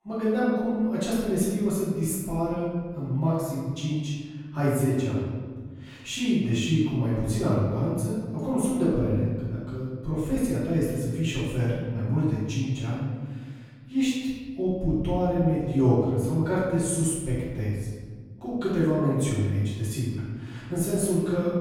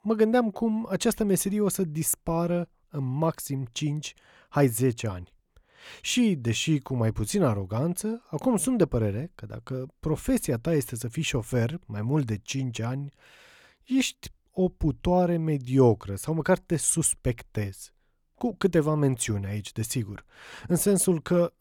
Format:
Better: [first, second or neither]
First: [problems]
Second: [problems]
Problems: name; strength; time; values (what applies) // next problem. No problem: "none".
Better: second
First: room echo; strong; dies away in 1.7 s // off-mic speech; far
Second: none